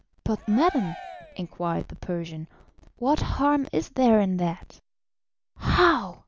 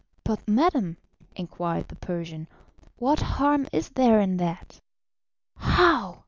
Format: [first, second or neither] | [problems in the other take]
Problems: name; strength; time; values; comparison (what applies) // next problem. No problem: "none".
second | background sound (Cheering); 16 dB below the speech